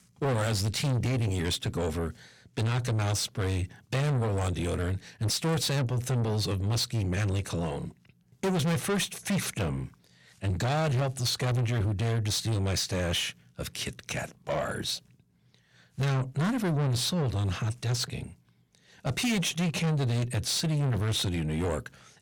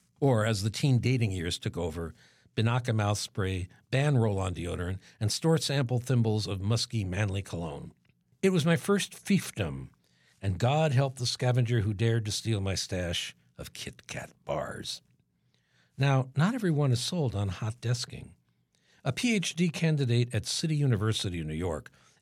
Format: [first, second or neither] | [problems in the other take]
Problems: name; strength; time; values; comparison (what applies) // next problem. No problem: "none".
second | distortion; heavy; 6 dB below the speech